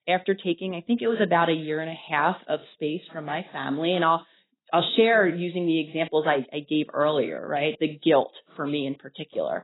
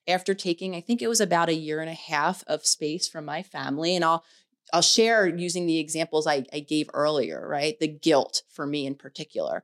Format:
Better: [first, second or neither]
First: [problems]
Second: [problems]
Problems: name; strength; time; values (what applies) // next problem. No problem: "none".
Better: second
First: garbled, watery; badly; nothing above 4 kHz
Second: none